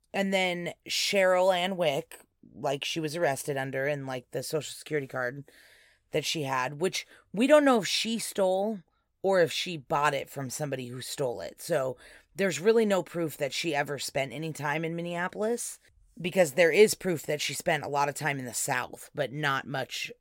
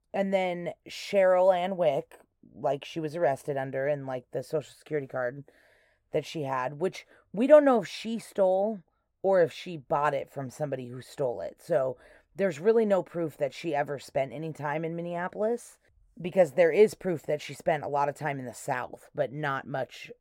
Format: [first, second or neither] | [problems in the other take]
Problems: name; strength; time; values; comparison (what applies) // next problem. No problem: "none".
first | muffled; slightly; fading above 2 kHz